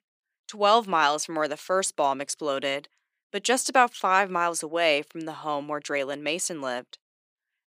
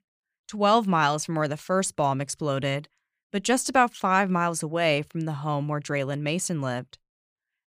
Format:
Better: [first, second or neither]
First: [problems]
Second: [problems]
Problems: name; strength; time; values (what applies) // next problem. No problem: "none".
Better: second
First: thin; somewhat; fading below 300 Hz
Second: none